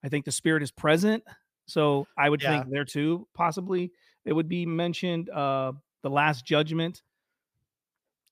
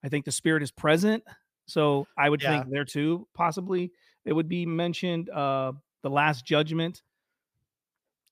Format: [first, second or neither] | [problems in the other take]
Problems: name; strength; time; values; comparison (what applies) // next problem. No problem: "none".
neither | none